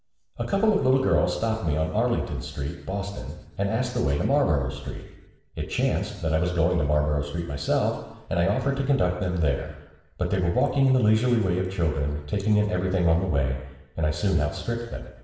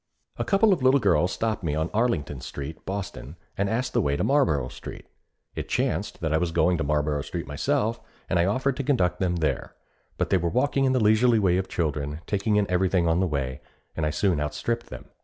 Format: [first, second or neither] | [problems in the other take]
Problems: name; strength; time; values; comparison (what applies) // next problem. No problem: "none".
second | room echo; dies away in 1 s